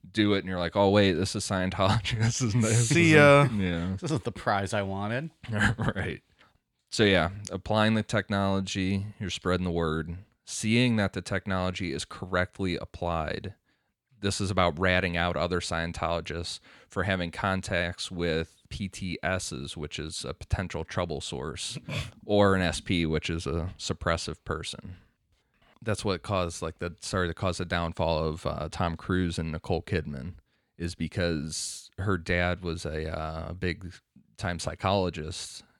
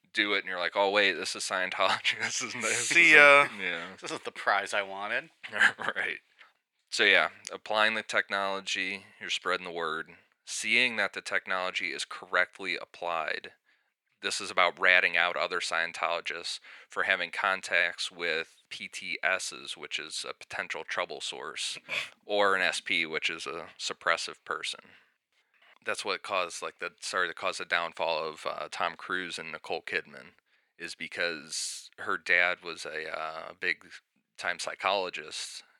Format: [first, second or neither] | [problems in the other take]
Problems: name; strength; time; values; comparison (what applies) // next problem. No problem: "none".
first | thin; very; fading below 550 Hz